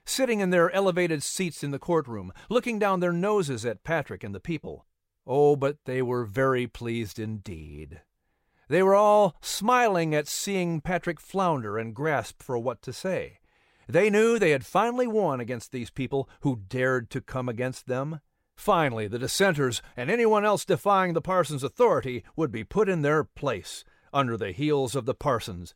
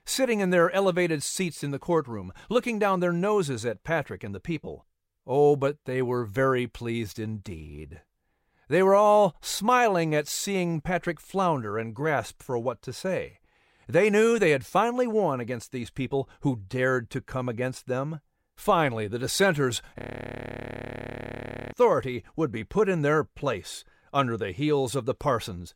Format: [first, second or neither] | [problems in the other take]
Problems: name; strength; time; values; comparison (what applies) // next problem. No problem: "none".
first | audio freezing; at 20 s for 1.5 s